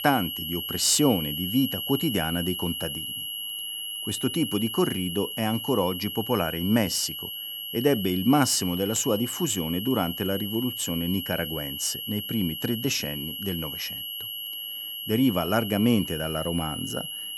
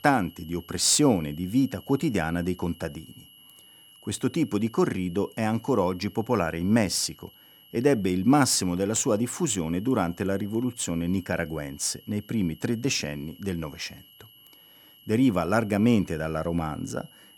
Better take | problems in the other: second | high-pitched whine; loud; throughout; 3 kHz, 5 dB below the speech; faint in the second

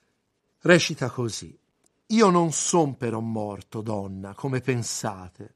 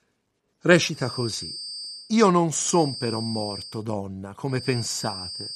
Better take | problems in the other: first | high-pitched whine; loud; at 1 s, from 2.5 to 3.5 s and at 4.5 s; 4.5 kHz, 9 dB below the speech

